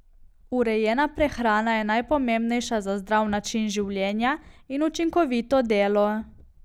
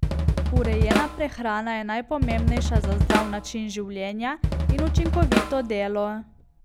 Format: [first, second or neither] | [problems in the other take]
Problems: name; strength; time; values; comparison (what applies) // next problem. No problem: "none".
first | background sound (Drum kit); 4 dB above the speech